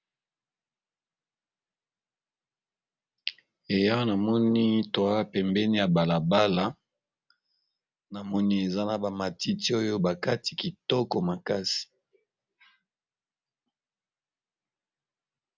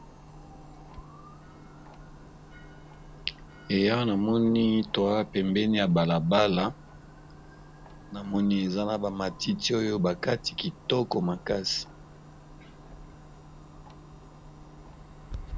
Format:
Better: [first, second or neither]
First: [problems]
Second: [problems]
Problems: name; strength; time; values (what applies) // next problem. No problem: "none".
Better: first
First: none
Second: background sound (Clock); 17 dB below the speech